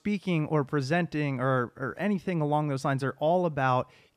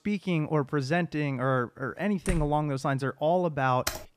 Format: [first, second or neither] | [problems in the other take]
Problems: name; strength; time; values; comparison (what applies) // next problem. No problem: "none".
first | door banging; noticeable; at 2.5 s; peak 8 dB below the speech // keyboard typing; noticeable; at 4 s; peak 6 dB below the speech